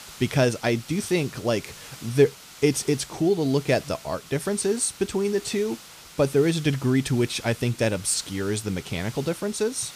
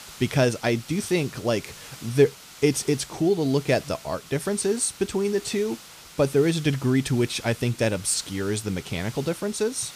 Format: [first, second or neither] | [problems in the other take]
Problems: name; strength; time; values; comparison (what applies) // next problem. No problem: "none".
neither | hiss; noticeable; throughout; 15 dB below the speech; the same in both